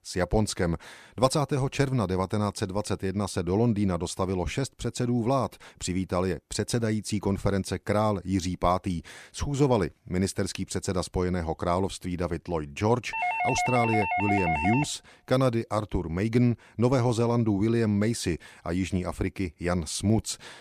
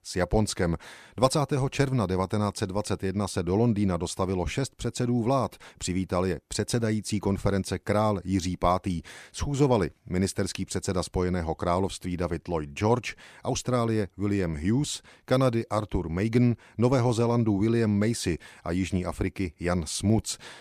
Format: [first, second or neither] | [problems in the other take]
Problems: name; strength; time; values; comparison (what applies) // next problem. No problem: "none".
second | doorbell; loud; from 13 to 15 s; peak 1 dB above the speech